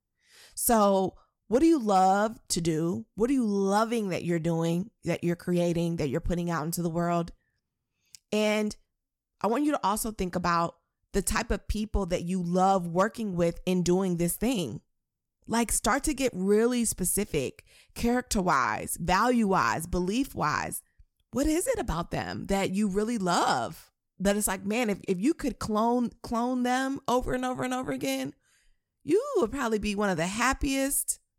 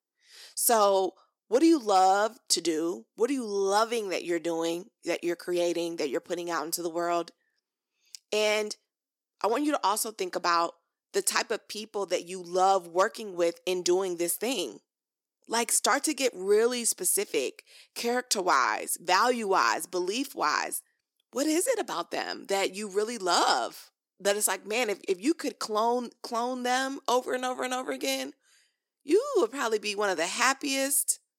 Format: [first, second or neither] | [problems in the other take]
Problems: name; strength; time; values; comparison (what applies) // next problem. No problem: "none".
first | thin; somewhat; fading below 350 Hz